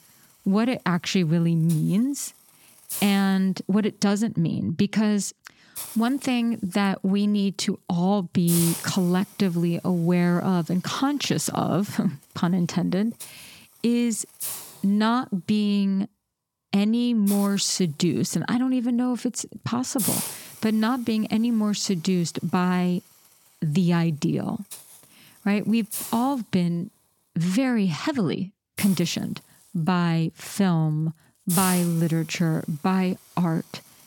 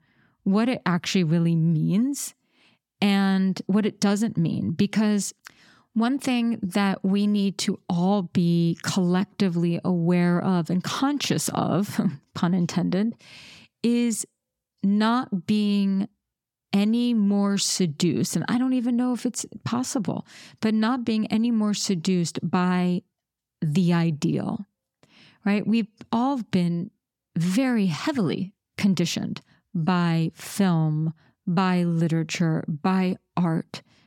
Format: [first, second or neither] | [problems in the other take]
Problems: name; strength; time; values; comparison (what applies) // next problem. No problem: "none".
second | hiss; loud; throughout; 8 dB below the speech